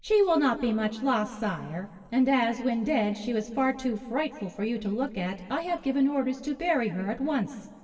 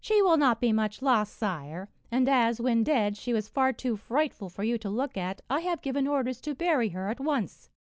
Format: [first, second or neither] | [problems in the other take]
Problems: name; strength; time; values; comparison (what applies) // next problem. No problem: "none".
second | room echo; dies away in 2.6 s